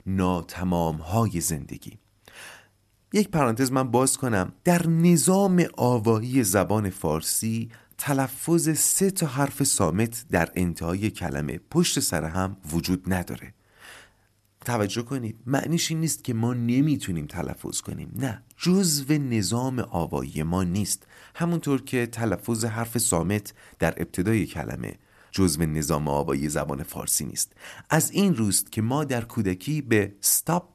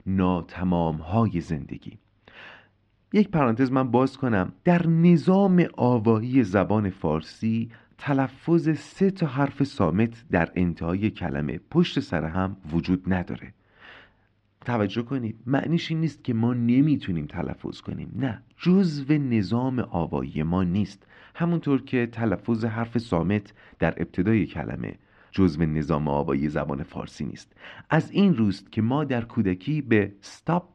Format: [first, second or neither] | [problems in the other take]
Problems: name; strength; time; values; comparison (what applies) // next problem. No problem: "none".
first | muffled; very; fading above 3.5 kHz